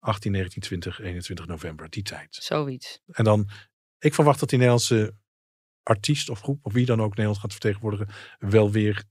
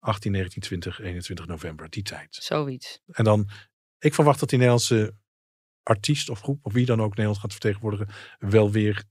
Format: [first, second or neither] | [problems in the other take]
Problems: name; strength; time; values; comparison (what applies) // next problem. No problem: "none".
neither | none